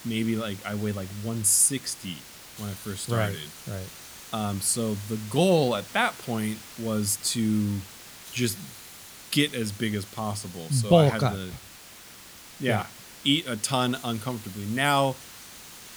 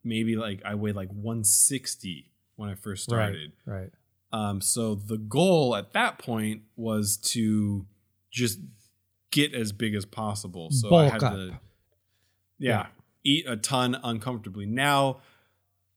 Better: second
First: hiss; noticeable; throughout; 15 dB below the speech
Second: none

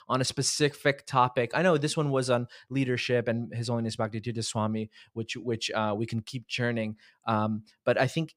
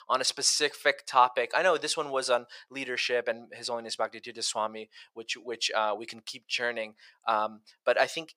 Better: first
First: none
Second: thin; very; fading below 650 Hz

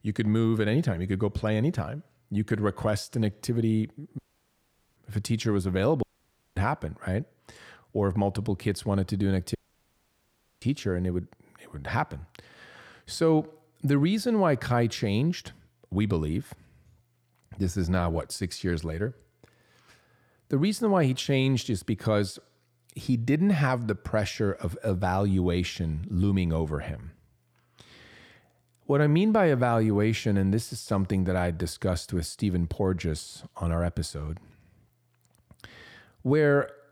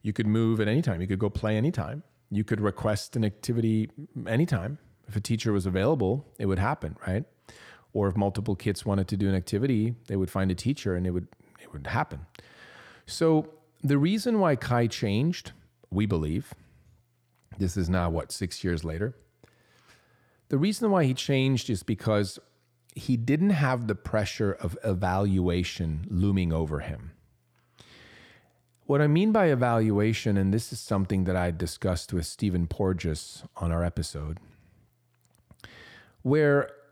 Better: second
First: audio cutting out; at 4 s for 1 s, at 6 s for 0.5 s and at 9.5 s for 1 s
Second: none

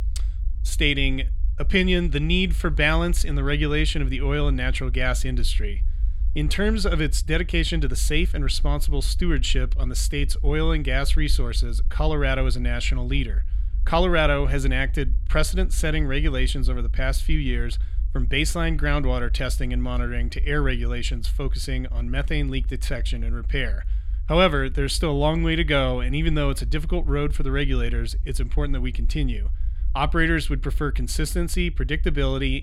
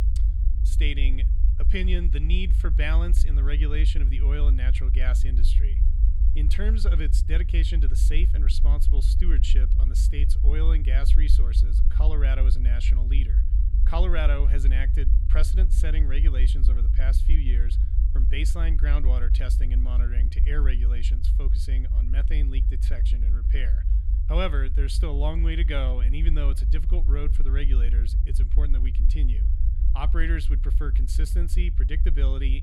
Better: first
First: low rumble; faint; throughout; 25 dB below the speech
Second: low rumble; loud; throughout; 8 dB below the speech

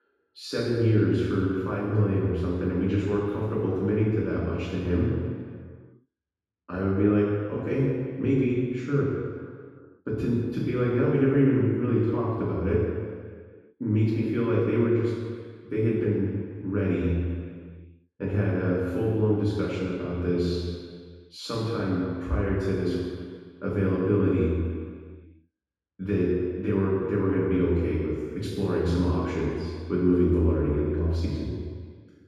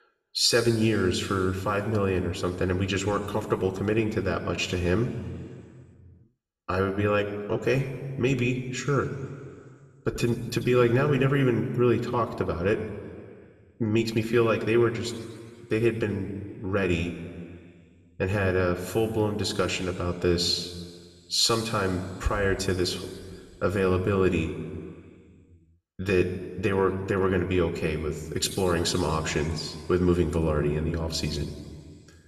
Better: second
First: room echo; strong; dies away in 1.8 s // off-mic speech; far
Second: room echo; slight; dies away in 1.8 s

